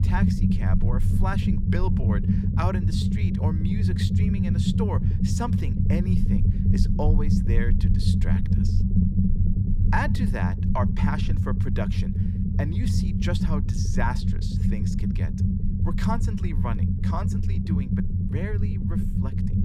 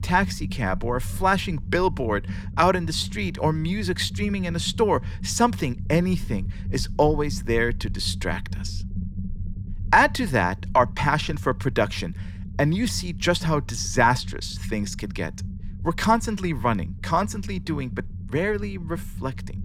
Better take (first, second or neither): second